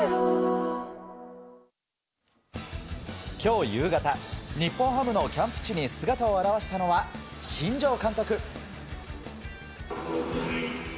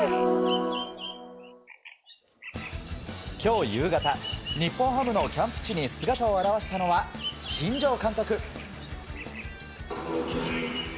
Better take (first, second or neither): first